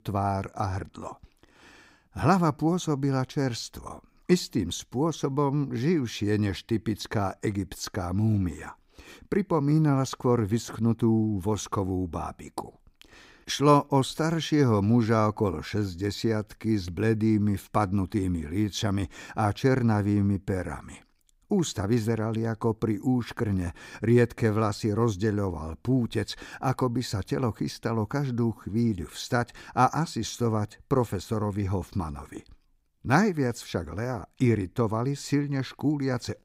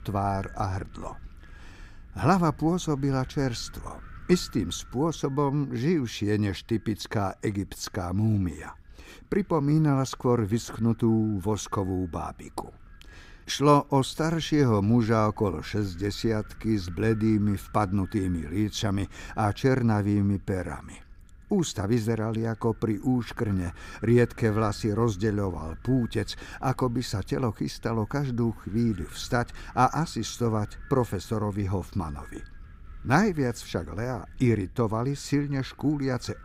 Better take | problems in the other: first | wind noise on the microphone; occasional gusts; 25 dB below the speech

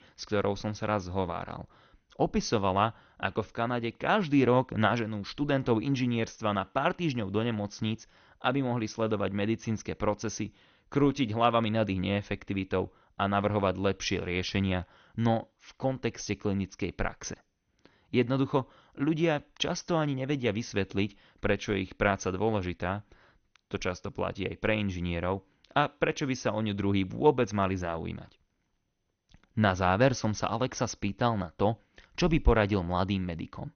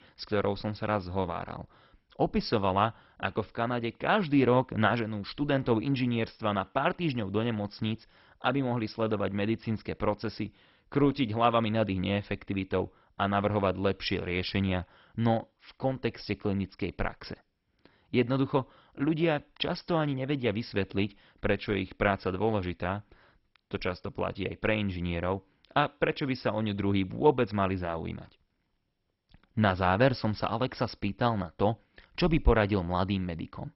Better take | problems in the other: first | garbled, watery; badly; nothing above 5.5 kHz; slightly in the first

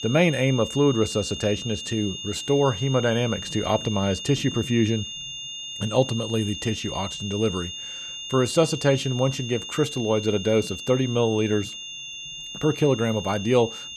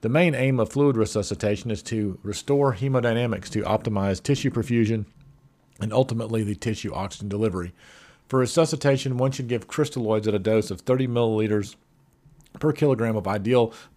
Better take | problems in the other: second | high-pitched whine; loud; throughout; 3 kHz, 9 dB below the speech

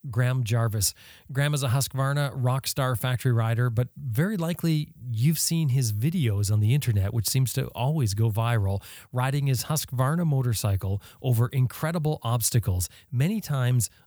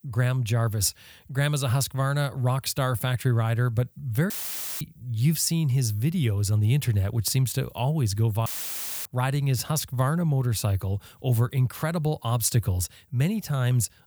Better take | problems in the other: first | audio cutting out; filled with static; at 4.5 s for 0.5 s and at 8.5 s for 0.5 s

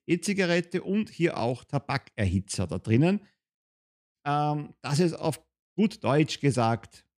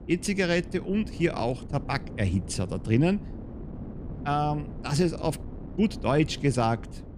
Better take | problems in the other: first | wind noise on the microphone; occasional gusts; 15 dB below the speech

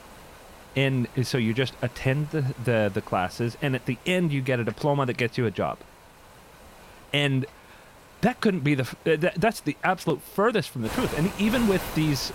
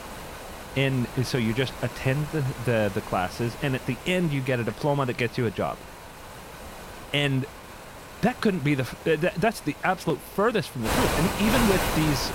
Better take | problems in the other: first | wind noise on the microphone; heavy; 6 dB below the speech; occasional gusts in the first

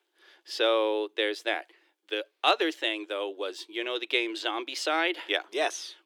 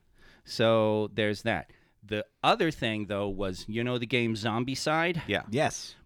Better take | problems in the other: second | thin; very; fading below 300 Hz

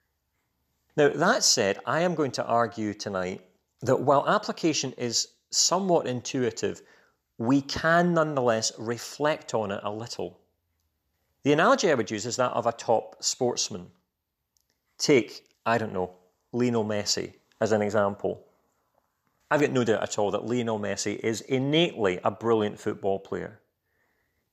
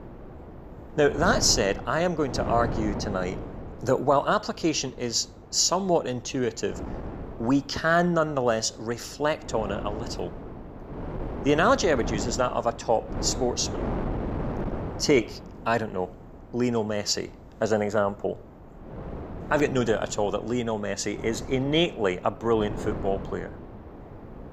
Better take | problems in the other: first | wind noise on the microphone; occasional gusts; 15 dB below the speech

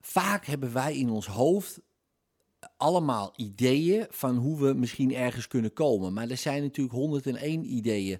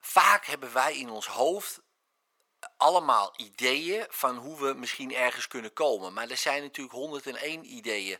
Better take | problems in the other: first | thin; very; fading below 750 Hz

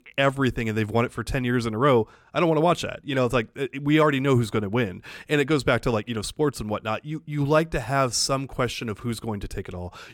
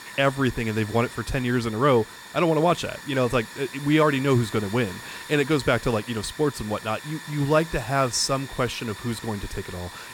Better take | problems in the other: first | hiss; noticeable; throughout; 15 dB below the speech

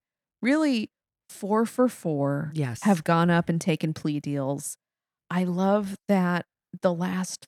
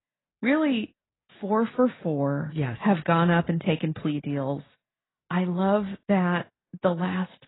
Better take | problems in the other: first | garbled, watery; badly; nothing above 4 kHz

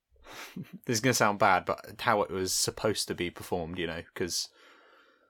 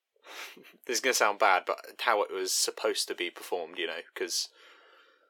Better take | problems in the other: first | thin; very; fading below 400 Hz

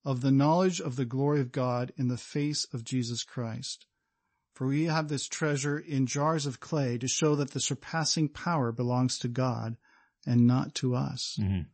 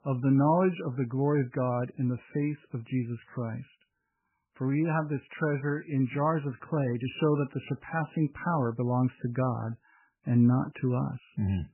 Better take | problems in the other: first | garbled, watery; badly; nothing above 3 kHz; slightly in the first

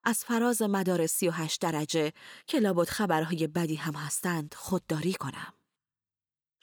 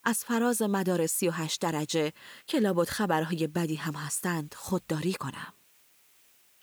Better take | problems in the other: first | hiss; faint; throughout; 30 dB below the speech

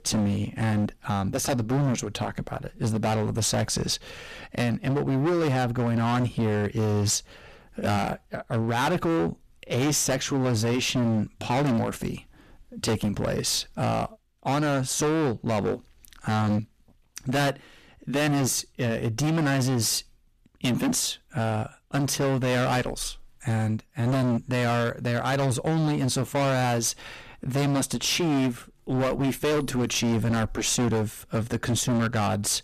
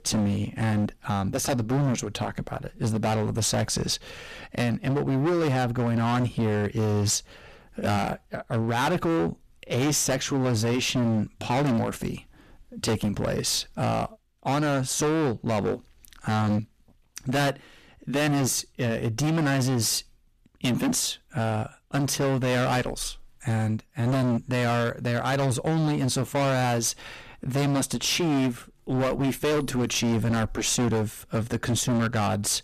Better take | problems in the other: neither | distortion; heavy; 22% of the sound clipped; the same in both

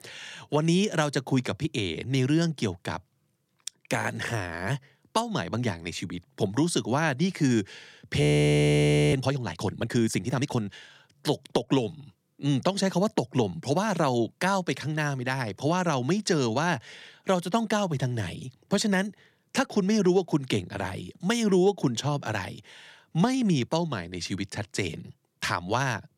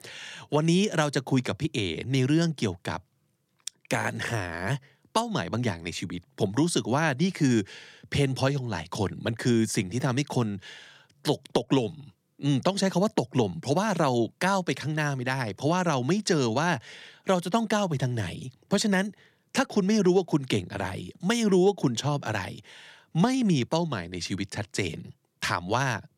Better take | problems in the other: second | audio freezing; at 8 s for 1 s

